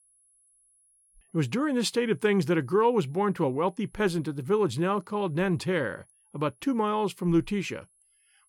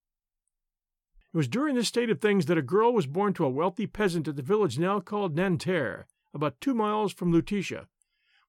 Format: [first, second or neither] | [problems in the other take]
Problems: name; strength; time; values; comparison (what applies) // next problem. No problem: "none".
second | high-pitched whine; faint; throughout; 10.5 kHz, 35 dB below the speech